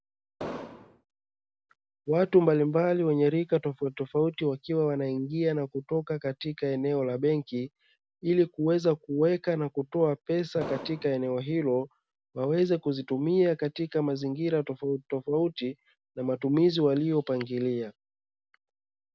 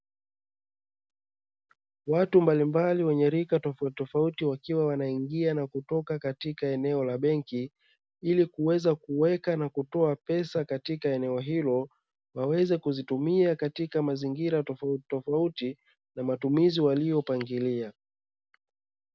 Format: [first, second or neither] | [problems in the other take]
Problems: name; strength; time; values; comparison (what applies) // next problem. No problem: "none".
second | background sound (Explosion); 11 dB below the speech